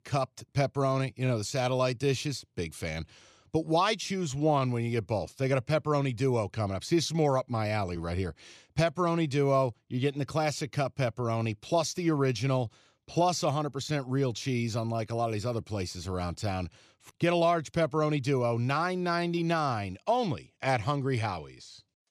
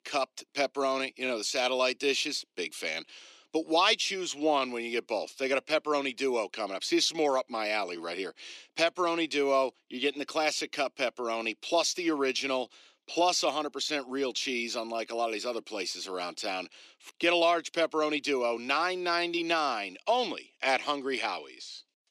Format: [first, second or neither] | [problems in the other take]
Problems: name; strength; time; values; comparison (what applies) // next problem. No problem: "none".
first | thin; somewhat; fading below 250 Hz